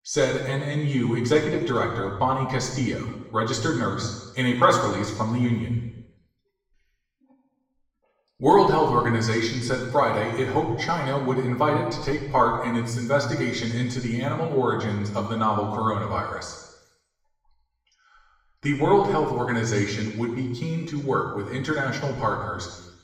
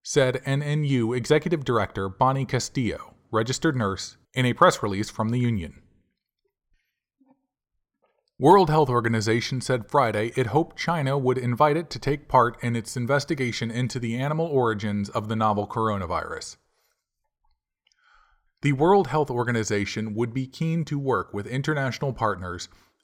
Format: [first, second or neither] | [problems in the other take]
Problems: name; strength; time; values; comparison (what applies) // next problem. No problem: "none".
second | room echo; noticeable; dies away in 1 s // off-mic speech; far